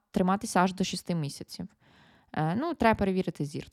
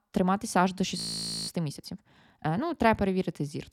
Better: first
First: none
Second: audio freezing; at 1 s for 0.5 s

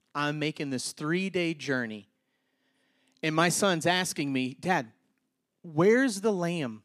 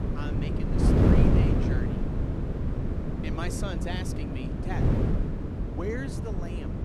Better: first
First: none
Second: wind noise on the microphone; heavy; 4 dB above the speech

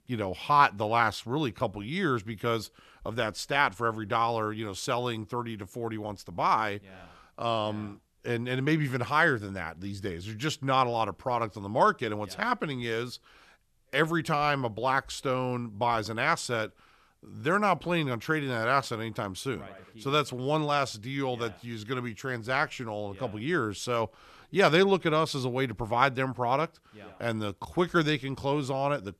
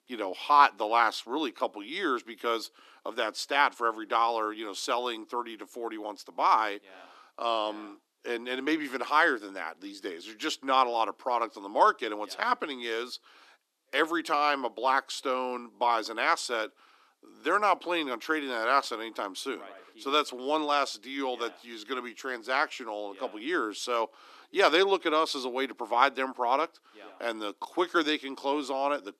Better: first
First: none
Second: thin; somewhat; fading below 300 Hz

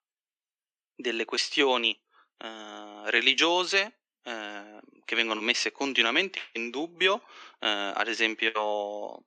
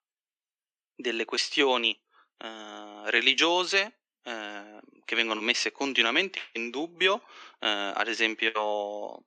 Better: neither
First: thin; somewhat; fading below 300 Hz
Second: thin; somewhat; fading below 300 Hz

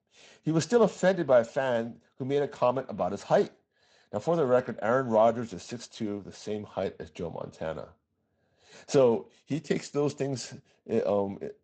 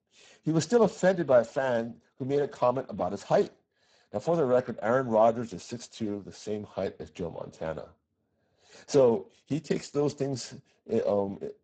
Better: first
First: garbled, watery; slightly; nothing above 8 kHz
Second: garbled, watery; badly; nothing above 7.5 kHz

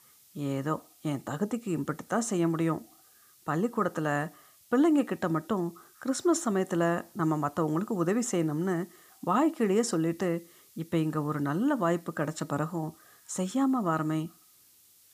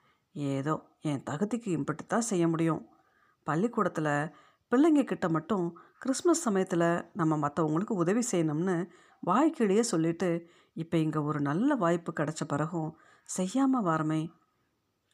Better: second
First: hiss; faint; throughout; 25 dB below the speech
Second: none

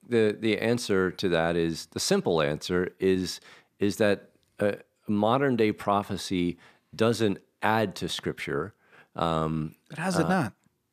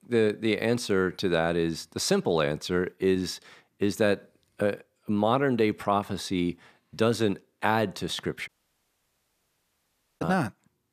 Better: first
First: none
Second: audio cutting out; at 8.5 s for 1.5 s

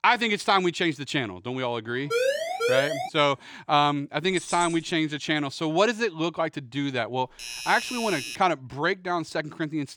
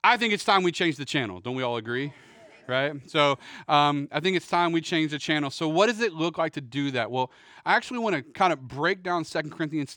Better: second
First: siren; loud; at 2 s; peak 1 dB above the speech // jangling keys; noticeable; at 4.5 s; peak 8 dB below the speech // doorbell; noticeable; from 7.5 to 8.5 s; peak 6 dB below the speech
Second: none

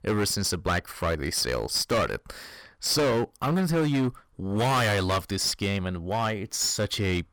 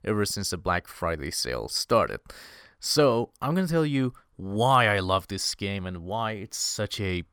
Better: second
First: distortion; heavy; 14% of the sound clipped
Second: none

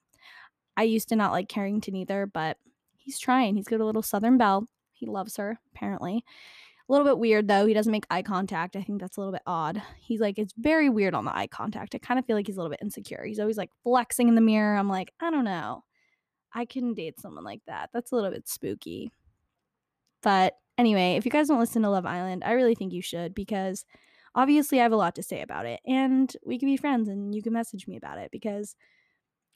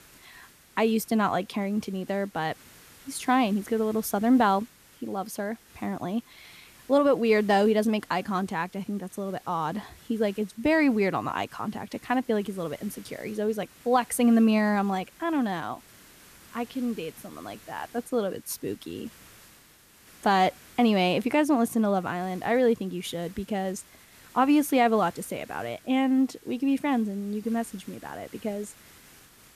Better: first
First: none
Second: hiss; faint; throughout; 25 dB below the speech

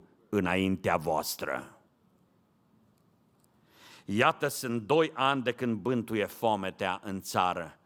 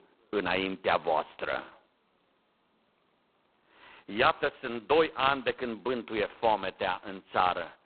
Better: first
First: none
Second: phone-call audio; poor line; nothing above 4 kHz

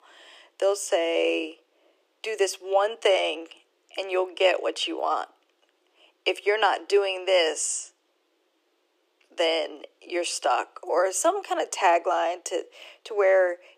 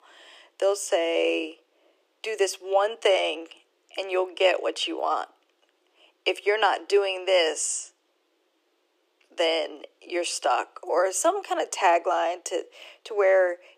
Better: neither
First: thin; very; fading below 300 Hz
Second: thin; very; fading below 300 Hz

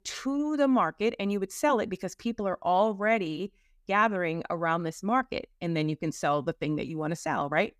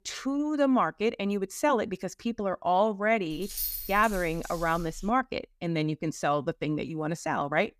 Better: first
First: none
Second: jangling keys; noticeable; from 3.5 to 5 s; peak 2 dB below the speech

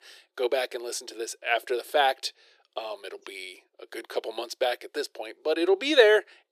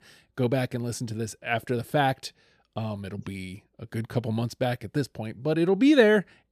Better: second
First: thin; very; fading below 350 Hz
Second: none

